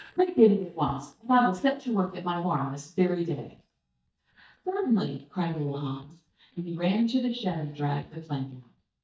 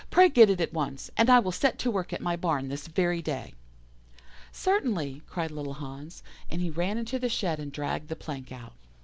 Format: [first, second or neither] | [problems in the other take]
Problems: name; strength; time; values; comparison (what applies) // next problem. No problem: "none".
second | noise reduction (neural mask model DeepFilterNet 3)